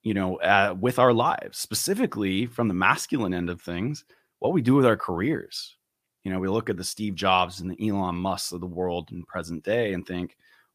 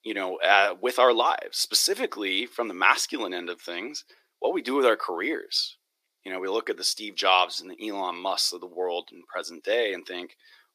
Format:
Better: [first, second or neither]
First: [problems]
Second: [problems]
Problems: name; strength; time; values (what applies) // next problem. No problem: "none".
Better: first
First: none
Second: thin; somewhat; fading below 350 Hz